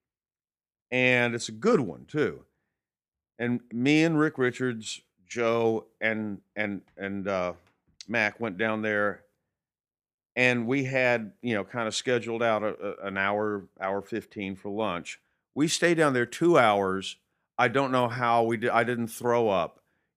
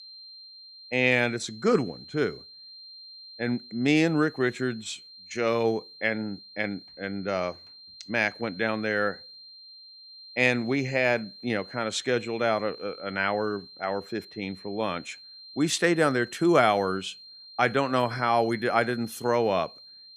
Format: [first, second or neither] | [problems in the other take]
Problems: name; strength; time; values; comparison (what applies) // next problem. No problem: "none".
first | high-pitched whine; noticeable; throughout; 4 kHz, 20 dB below the speech